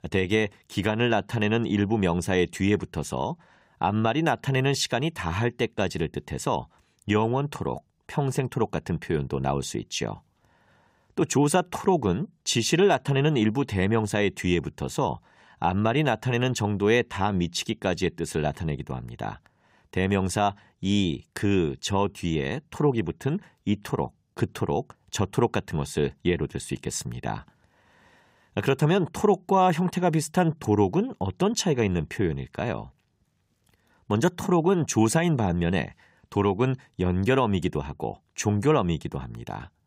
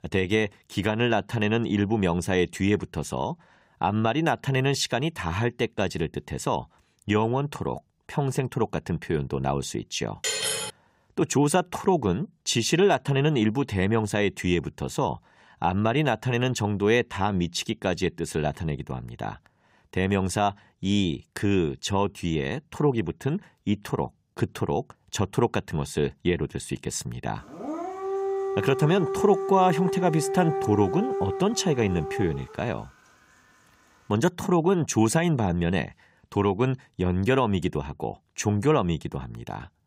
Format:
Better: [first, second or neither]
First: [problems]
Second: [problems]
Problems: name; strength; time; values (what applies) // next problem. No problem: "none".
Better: first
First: none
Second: clattering dishes; loud; at 10 s; peak 1 dB above the speech // dog barking; noticeable; from 27 to 33 s; peak 2 dB below the speech